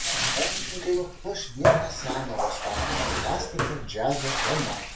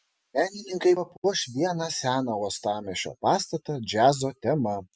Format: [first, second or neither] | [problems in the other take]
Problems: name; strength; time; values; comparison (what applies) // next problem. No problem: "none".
second | background sound (Bathtub (filling or washing)); 4 dB above the speech // room echo; dies away in 0.3 s